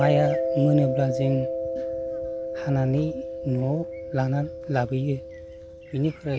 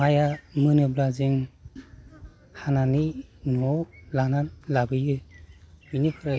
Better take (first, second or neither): second